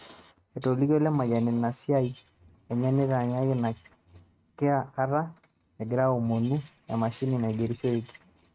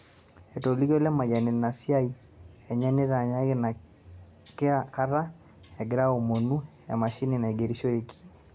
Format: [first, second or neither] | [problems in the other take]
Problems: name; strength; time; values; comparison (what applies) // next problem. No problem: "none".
second | noise reduction (neural mask model RNNoise)